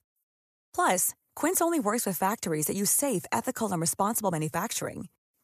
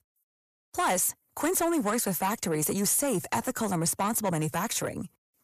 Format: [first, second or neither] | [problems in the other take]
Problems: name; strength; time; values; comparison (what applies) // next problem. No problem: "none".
first | distortion; slight; 10 dB below the speech